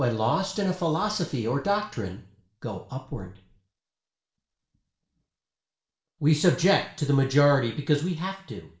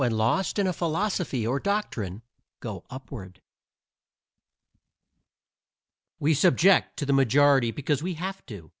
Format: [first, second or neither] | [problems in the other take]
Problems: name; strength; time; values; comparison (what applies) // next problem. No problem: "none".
second | room echo; dies away in 0.4 s